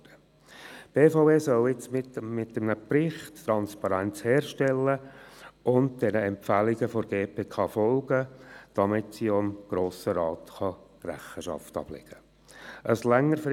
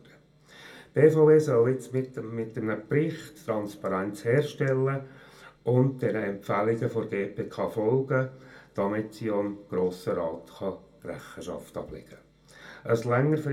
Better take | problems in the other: first | room echo; dies away in 0.2 s

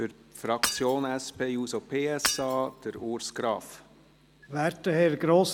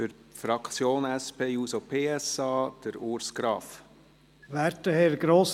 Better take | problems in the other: second | background sound (Shatter / Hammer); 7 dB below the speech

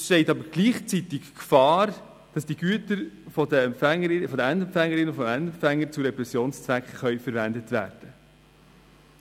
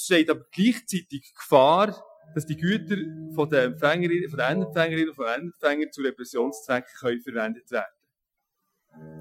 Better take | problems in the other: first | noise reduction (classical method Wiener filter)

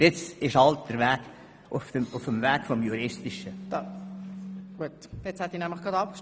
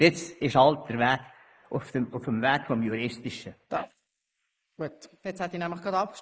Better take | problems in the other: first | noise reduction (neural mask model Resemble Enhance denoiser)

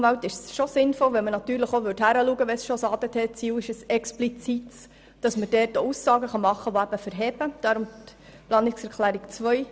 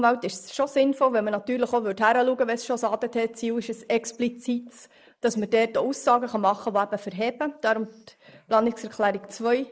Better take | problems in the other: first | noise reduction (neural mask model Resemble Enhance denoiser)

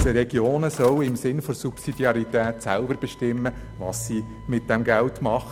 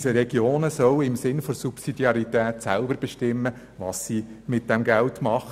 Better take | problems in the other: second | background sound (Slam / Engine starting); 12 dB below the speech

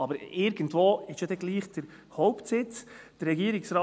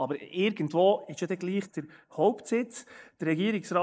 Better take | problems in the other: first | noise reduction (neural mask model Resemble Enhance denoiser)

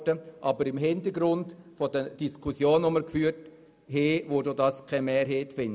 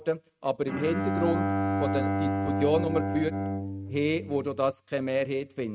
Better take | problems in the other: first | noise reduction (neural mask model RNNoise)

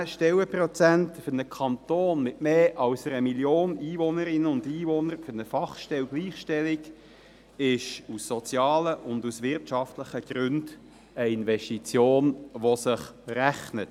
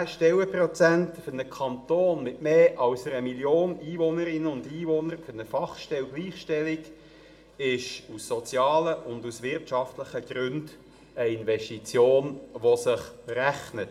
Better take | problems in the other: first | room echo; dies away in 0.5 s

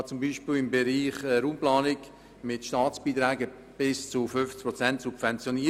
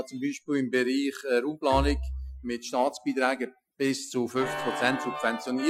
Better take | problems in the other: first | noise reduction (classical method Wiener filter)

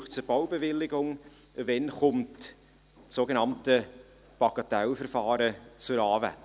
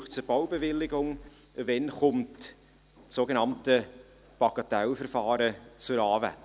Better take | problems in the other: first | background sound (Bass drum / Keyboard (musical)); 19 dB below the speech

